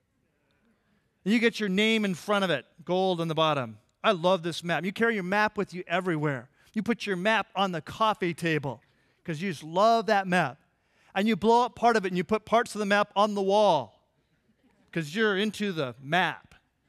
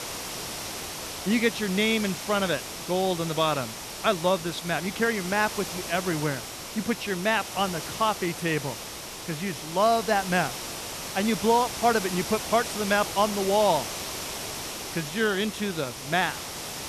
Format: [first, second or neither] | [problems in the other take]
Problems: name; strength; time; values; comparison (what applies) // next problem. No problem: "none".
first | hiss; loud; throughout; 7 dB below the speech